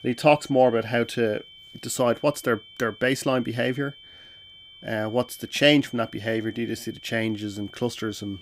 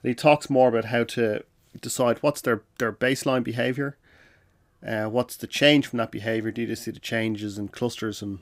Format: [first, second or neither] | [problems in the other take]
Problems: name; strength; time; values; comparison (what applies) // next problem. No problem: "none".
second | high-pitched whine; faint; throughout; 3 kHz, 20 dB below the speech